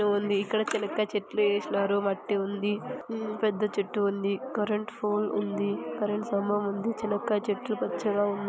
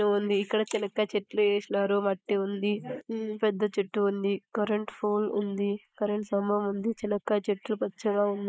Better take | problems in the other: first | noise reduction (neural mask model Resemble Enhance denoiser)

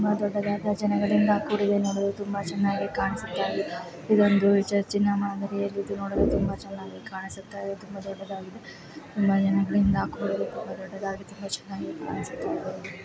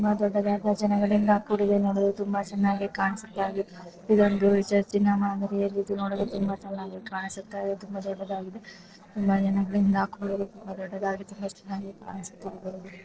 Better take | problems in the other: first | noise reduction (neural separator model SepFormer DNS4)

